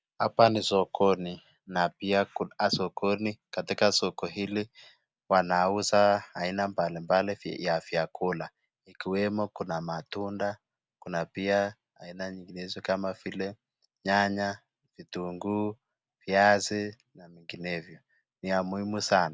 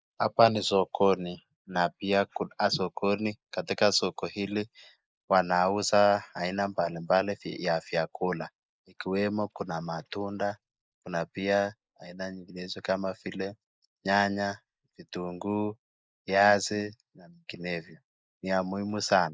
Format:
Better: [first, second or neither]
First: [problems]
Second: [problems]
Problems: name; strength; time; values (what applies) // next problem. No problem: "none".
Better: first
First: none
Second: noise reduction (neural mask model Resemble Enhance denoiser)